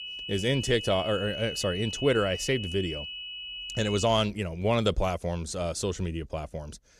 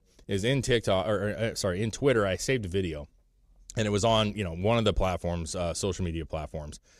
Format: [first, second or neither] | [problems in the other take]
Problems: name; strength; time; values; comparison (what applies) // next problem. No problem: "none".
second | high-pitched whine; loud; until 4 s; 3 kHz, 7 dB below the speech